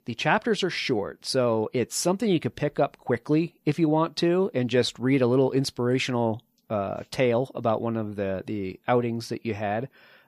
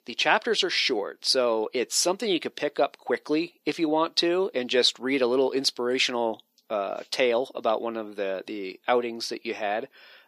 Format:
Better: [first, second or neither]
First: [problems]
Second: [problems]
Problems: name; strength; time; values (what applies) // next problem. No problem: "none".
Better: first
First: none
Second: thin; somewhat; fading below 300 Hz